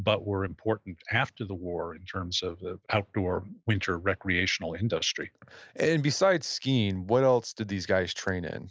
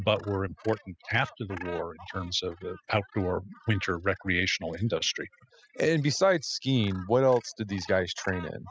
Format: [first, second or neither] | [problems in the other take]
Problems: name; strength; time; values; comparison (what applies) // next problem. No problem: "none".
first | noise reduction (classical method spectral subtraction)